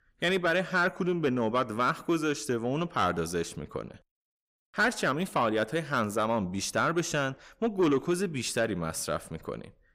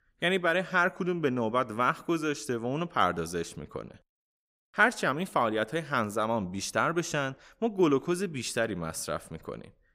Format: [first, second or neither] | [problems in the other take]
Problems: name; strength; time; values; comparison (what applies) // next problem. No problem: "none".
second | distortion; slight; 10 dB below the speech